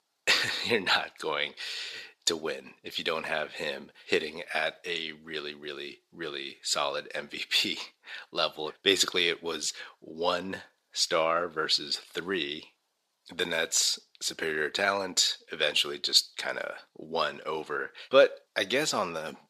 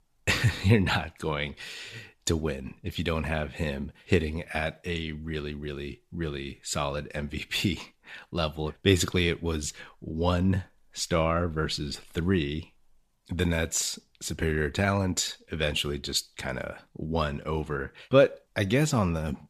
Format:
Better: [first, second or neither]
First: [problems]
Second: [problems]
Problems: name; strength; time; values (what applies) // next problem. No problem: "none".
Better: second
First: thin; very; fading below 450 Hz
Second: none